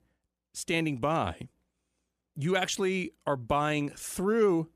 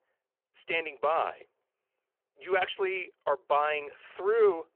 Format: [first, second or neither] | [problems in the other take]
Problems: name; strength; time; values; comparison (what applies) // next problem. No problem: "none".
first | phone-call audio